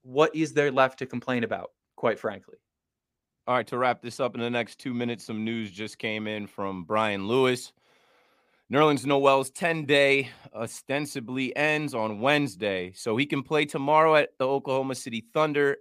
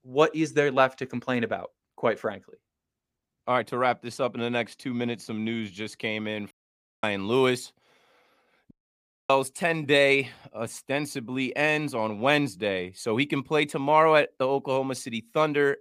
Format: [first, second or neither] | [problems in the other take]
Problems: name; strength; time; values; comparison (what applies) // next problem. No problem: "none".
first | audio cutting out; at 6.5 s for 0.5 s and at 8.5 s for 0.5 s